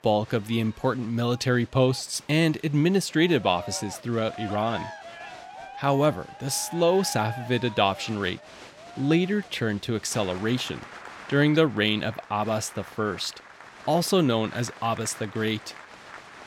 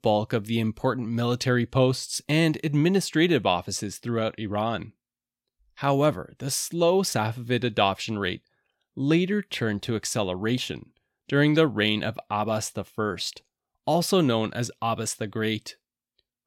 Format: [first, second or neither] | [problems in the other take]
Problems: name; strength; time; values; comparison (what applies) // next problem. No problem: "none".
second | crowd noise; noticeable; throughout; 15 dB below the speech